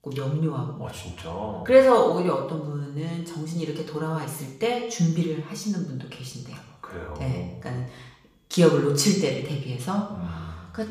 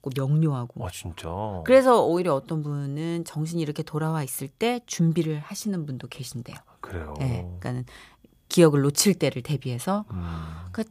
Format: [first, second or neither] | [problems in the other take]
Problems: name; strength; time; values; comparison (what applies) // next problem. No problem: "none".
second | room echo; noticeable; dies away in 0.7 s // off-mic speech; far